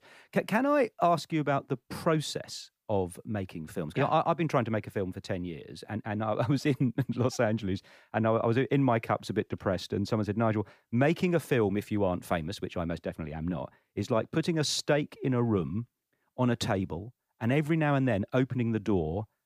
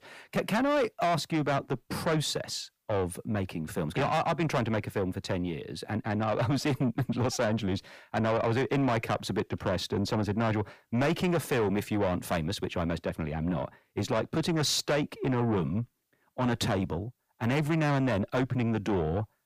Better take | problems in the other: first | distortion; heavy; 8 dB below the speech

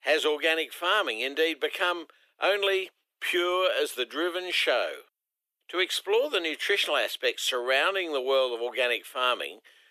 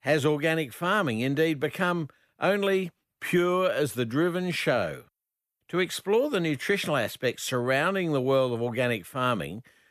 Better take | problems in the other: second | thin; very; fading below 350 Hz

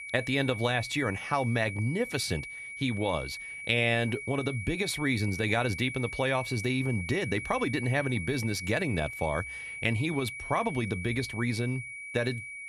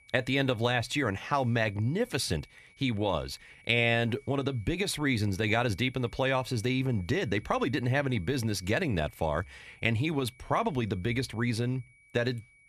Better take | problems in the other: second | high-pitched whine; loud; throughout; 2.5 kHz, 8 dB below the speech; faint in the second

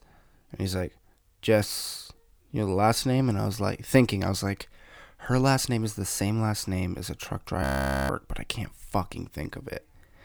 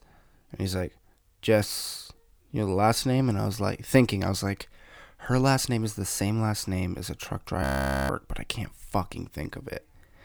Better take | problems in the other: neither | audio freezing; at 7.5 s; the same in both

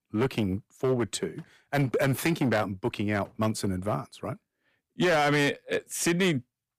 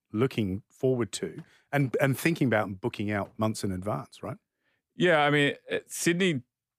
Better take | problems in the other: second | distortion; slight; 7% of the sound clipped

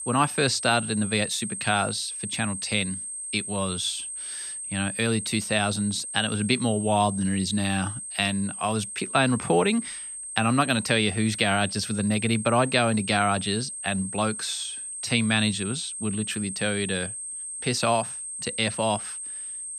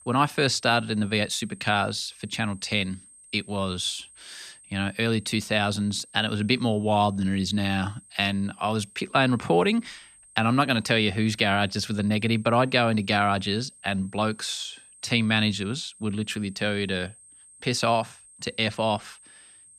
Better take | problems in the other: second | high-pitched whine; loud; throughout; 8.5 kHz, 7 dB below the speech; faint in the second

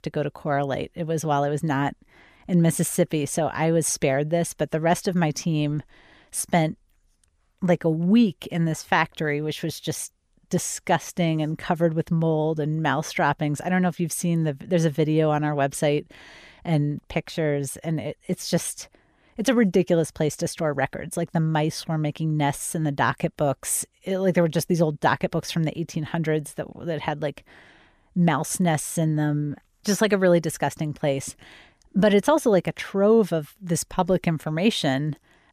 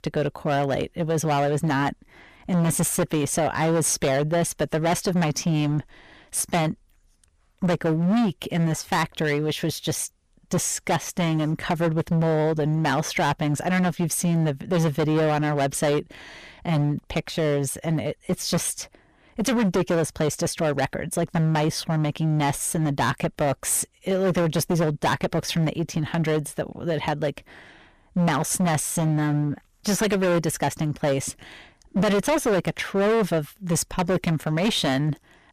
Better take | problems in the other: first | distortion; heavy; 16% of the sound clipped

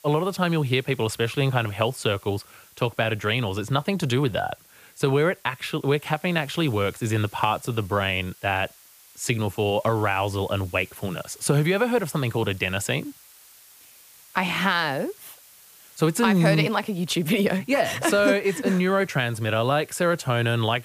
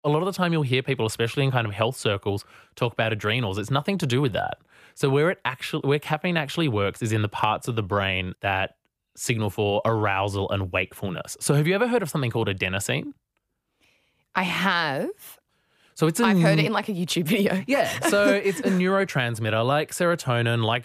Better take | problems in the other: second | hiss; faint; throughout; 25 dB below the speech

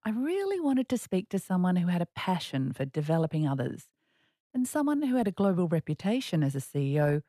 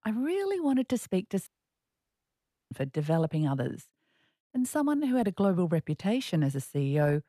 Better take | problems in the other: first | audio cutting out; at 1.5 s for 1 s

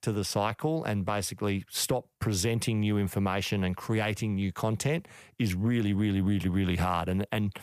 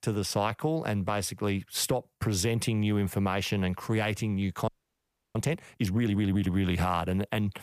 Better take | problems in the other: first | audio freezing; at 4.5 s for 0.5 s

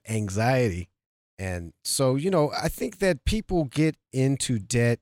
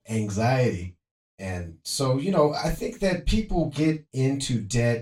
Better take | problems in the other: first | room echo; slight; dies away in 0.2 s // off-mic speech; far

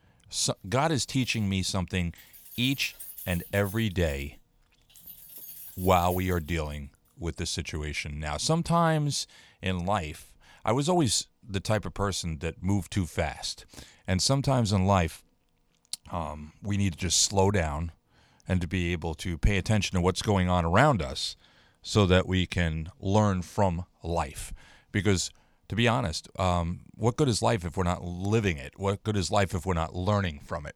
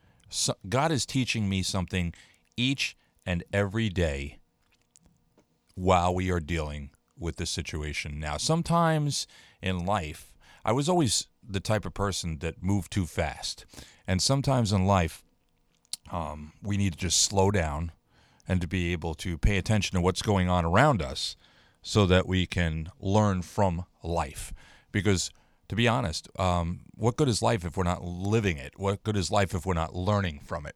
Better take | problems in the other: second | jangling keys; faint; from 1 to 7 s; peak 10 dB below the speech

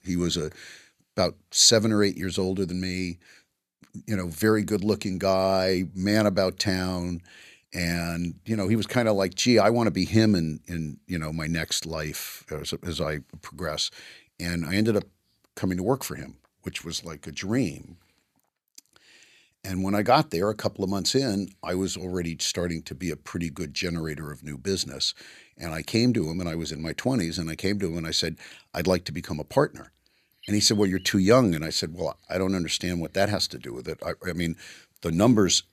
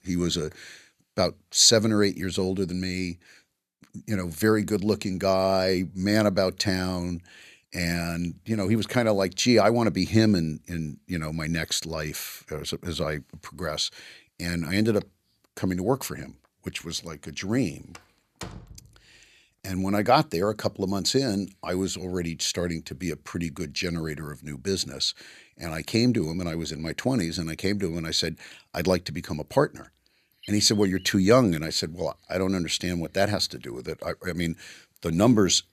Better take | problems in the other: first | door banging; faint; at 18 s; peak 15 dB below the speech

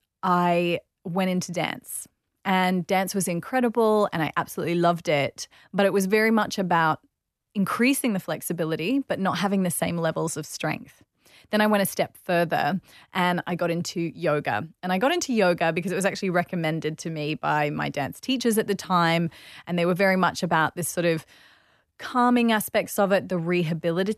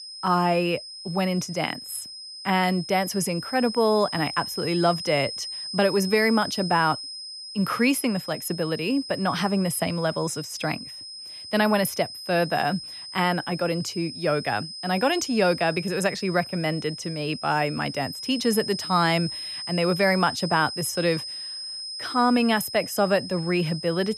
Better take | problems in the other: first | high-pitched whine; loud; throughout; 5 kHz, 9 dB below the speech

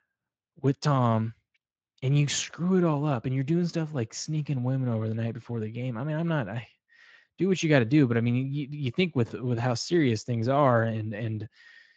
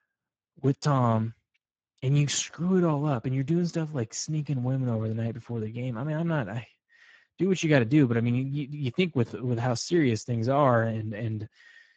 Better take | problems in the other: first | garbled, watery; badly; nothing above 7.5 kHz; slightly in the first

